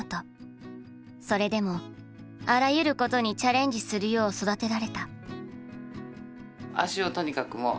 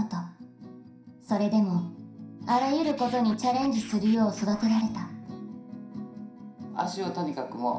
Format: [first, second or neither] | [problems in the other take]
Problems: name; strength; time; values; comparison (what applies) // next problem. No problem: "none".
first | background sound (Scratching (performance technique)); 19 dB below the speech // room echo; dies away in 0.5 s